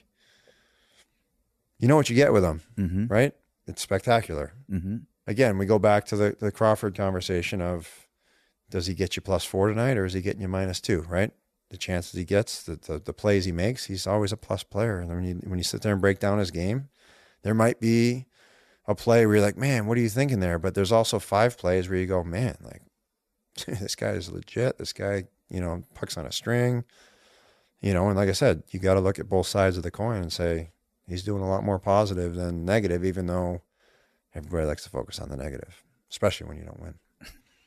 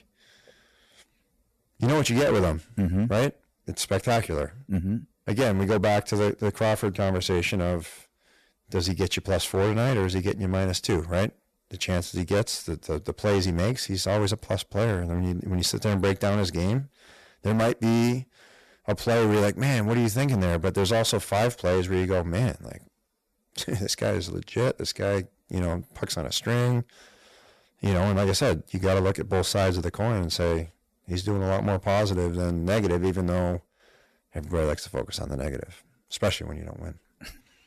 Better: first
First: none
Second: distortion; heavy; 11% of the sound clipped

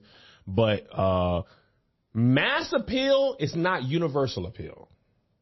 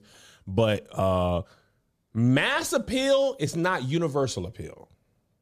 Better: second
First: garbled, watery; slightly; nothing above 5.5 kHz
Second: none

